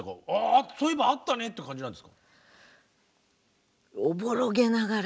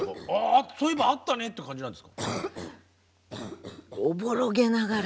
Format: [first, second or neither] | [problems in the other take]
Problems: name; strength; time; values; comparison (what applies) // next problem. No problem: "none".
first | background sound (Cough); 12 dB below the speech